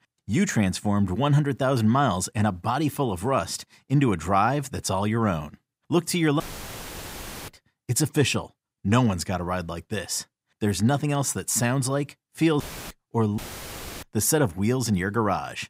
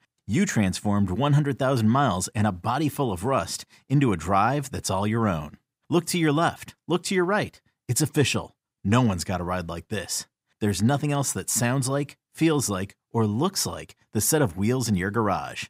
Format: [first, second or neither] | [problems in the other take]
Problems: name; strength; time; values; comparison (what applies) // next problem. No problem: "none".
second | audio cutting out; filled with static; at 6.5 s for 1 s and at 13 s for 0.5 s